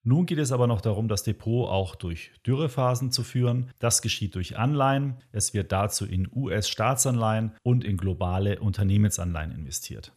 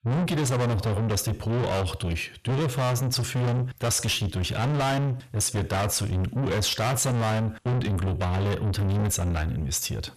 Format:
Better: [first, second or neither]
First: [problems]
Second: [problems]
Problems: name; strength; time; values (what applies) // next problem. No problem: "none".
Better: first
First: none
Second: distortion; heavy; 5 dB below the speech